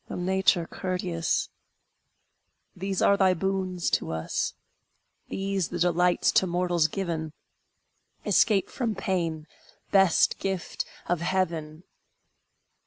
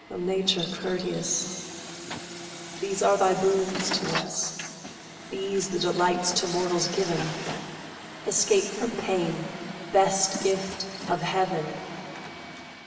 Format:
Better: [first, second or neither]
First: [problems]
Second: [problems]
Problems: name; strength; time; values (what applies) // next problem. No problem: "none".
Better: first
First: none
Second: background sound (Truck); 10 dB below the speech // room echo; dies away in 2.3 s